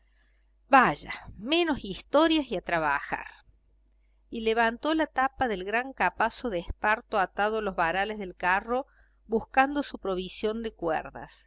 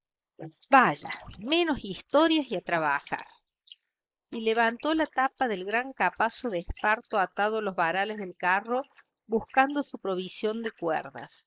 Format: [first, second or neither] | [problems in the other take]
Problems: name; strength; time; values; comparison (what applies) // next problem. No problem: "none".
first | noise reduction (neural mask model Resemble Enhance denoiser)